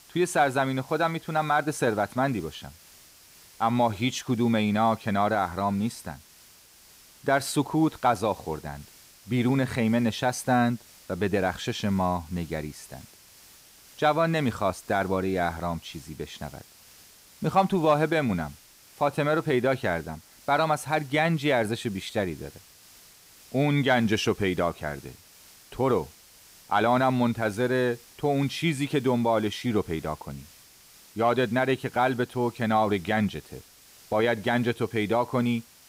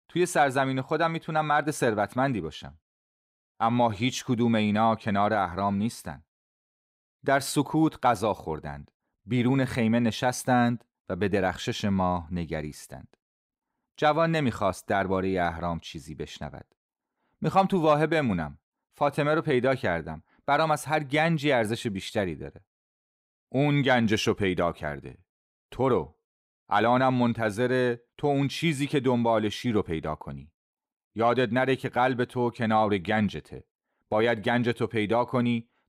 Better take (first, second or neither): second